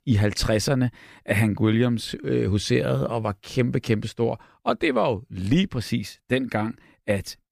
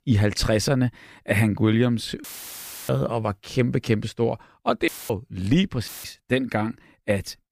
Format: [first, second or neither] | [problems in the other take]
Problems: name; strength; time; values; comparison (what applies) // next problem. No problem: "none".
first | audio cutting out; filled with static; at 2 s for 0.5 s, at 5 s and at 6 s